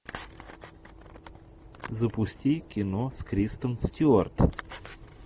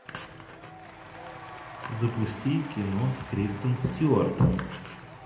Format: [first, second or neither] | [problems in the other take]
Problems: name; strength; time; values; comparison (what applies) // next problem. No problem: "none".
first | background sound (Applause / Crowd / Cheering); 16 dB below the speech // room echo; dies away in 0.7 s